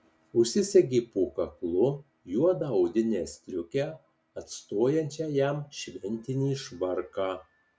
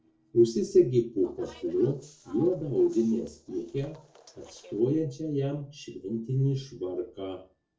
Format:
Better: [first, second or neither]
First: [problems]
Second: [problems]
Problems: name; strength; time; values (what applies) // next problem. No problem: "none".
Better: first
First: none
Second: noise reduction (neural separator model SepFormer DNS4)